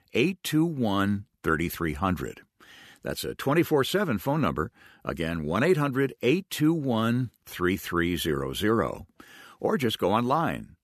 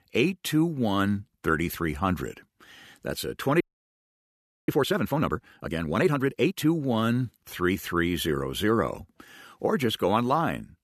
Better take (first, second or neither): first